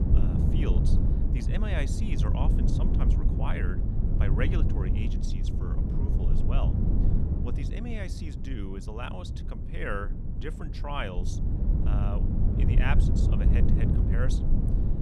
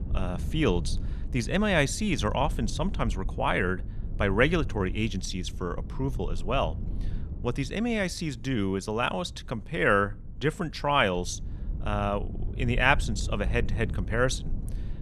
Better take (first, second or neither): second